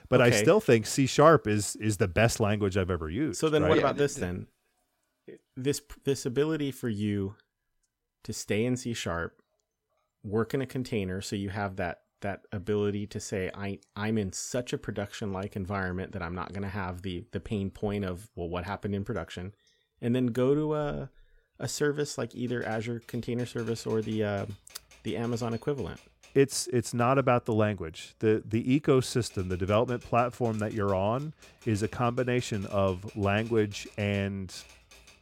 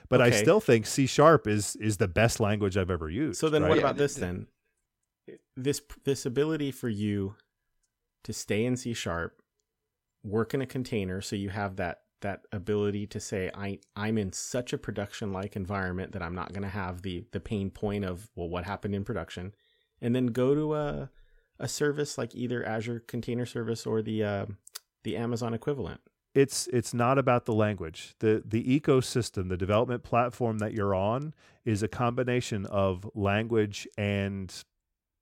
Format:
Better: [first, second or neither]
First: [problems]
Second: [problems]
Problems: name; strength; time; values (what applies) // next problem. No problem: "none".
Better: second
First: household noises; faint; throughout; 25 dB below the speech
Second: none